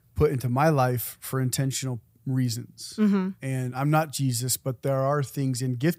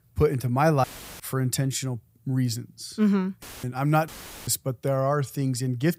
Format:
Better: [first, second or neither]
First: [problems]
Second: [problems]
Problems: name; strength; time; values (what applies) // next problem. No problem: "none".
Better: first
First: none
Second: audio cutting out; filled with static; at 1 s, at 3.5 s and at 4 s